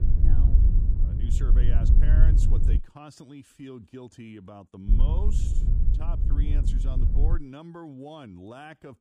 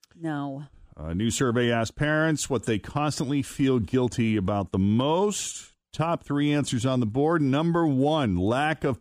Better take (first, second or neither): second